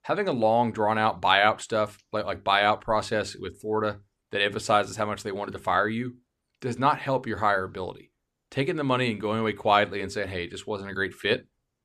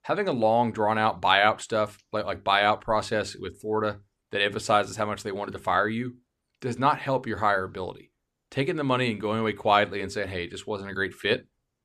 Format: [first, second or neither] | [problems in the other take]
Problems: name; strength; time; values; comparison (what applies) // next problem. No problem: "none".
neither | none